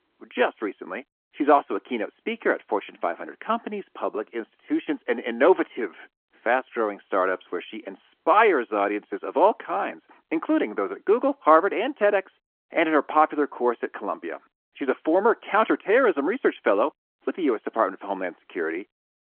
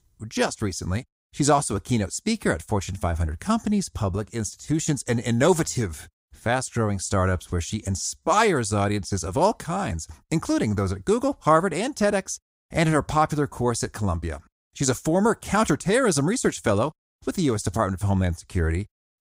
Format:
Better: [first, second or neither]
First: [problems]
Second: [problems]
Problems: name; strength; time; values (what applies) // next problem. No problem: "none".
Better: second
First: phone-call audio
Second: none